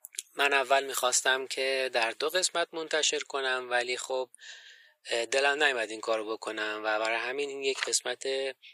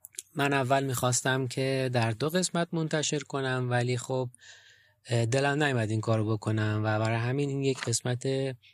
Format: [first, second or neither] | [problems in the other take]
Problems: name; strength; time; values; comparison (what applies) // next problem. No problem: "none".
second | thin; very; fading below 450 Hz